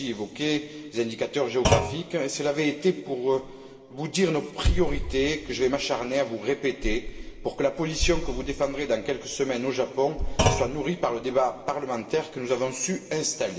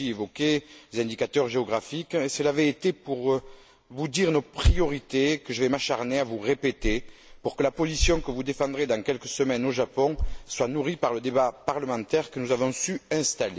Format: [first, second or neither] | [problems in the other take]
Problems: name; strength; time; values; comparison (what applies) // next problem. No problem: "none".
second | background sound (Thump, thud); 3 dB below the speech // room echo; dies away in 2 s